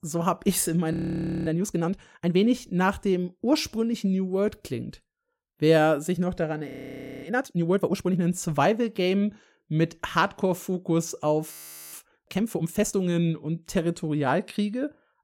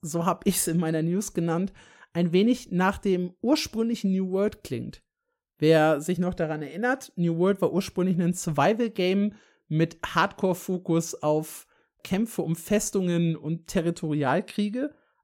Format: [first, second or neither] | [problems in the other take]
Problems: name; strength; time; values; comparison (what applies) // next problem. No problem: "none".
second | audio freezing; at 1 s for 0.5 s, at 6.5 s for 0.5 s and at 12 s